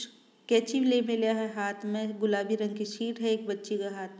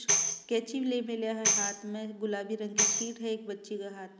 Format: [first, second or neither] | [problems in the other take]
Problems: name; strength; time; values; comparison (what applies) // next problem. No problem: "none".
first | background sound (Tambourine); 2 dB above the speech